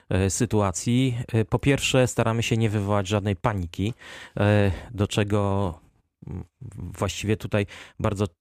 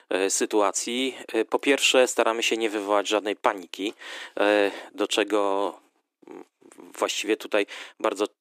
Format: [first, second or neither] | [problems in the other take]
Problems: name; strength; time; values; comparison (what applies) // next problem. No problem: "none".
first | thin; very; fading below 300 Hz